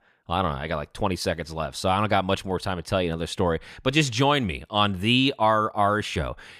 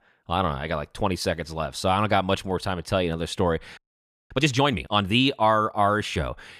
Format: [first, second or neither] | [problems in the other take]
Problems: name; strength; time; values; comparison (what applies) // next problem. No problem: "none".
first | audio freezing; at 4 s for 0.5 s